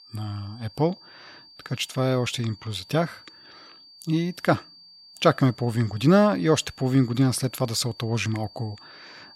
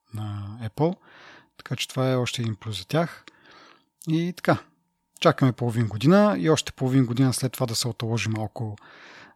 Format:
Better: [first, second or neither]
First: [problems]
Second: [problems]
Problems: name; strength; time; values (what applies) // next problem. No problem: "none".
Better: second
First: high-pitched whine; faint; throughout; 4.5 kHz, 25 dB below the speech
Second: none